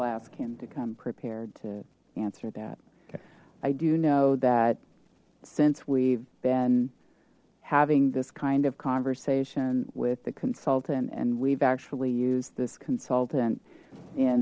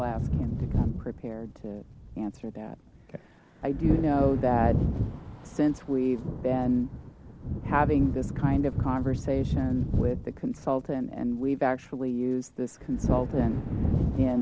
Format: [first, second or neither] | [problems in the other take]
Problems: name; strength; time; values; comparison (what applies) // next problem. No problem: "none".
first | background sound (Thunder / Wind); 2 dB below the speech